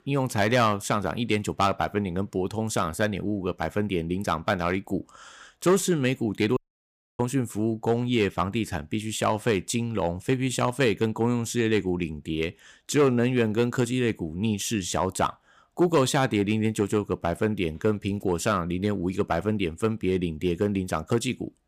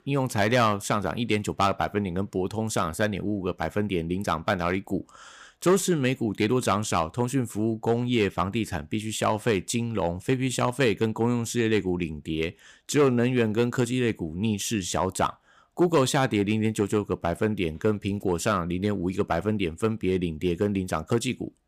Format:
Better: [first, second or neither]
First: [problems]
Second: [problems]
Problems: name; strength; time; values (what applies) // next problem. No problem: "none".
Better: second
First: audio cutting out; at 6.5 s for 0.5 s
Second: none